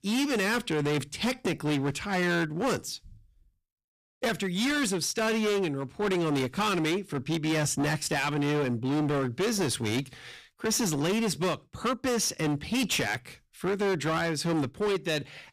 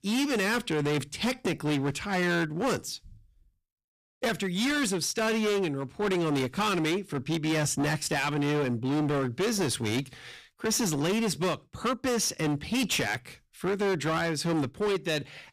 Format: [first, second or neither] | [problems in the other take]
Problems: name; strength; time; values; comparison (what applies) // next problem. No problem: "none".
neither | distortion; heavy; 22% of the sound clipped; the same in both